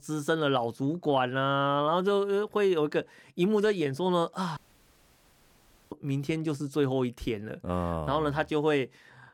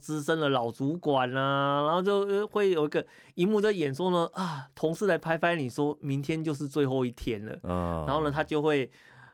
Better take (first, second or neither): second